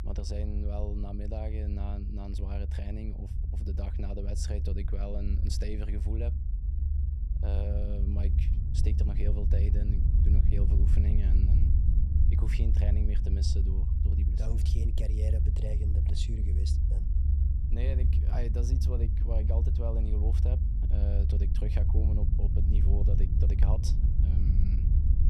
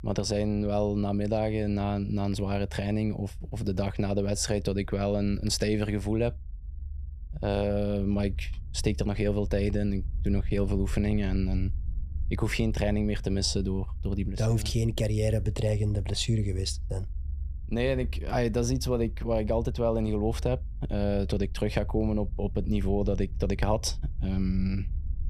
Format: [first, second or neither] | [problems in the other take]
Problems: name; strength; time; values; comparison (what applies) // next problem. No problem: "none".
second | low rumble; loud; throughout; 2 dB below the speech; faint in the second